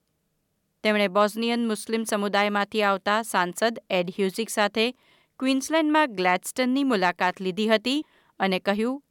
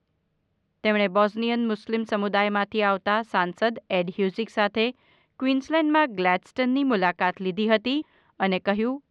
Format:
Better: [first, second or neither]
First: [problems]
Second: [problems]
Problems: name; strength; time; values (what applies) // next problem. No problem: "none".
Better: first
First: none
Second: muffled; slightly; fading above 3.5 kHz